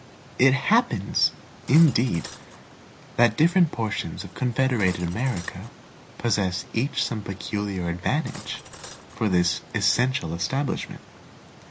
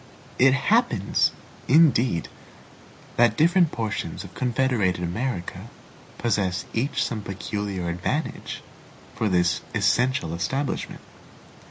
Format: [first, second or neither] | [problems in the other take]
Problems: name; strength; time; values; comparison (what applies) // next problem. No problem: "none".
second | background sound (Cutlery, silverware); 20 dB below the speech